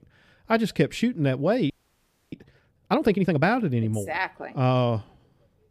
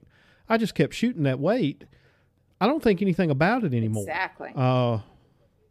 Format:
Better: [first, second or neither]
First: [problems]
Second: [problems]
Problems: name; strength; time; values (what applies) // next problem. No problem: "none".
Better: second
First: audio freezing; at 1.5 s for 0.5 s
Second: none